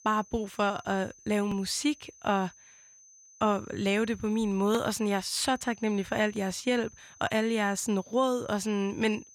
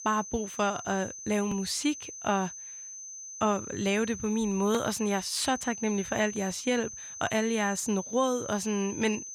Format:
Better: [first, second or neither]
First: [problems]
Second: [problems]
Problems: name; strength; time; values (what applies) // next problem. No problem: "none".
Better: first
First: high-pitched whine; faint; throughout; 6 kHz, 25 dB below the speech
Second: high-pitched whine; loud; throughout; 6 kHz, 10 dB below the speech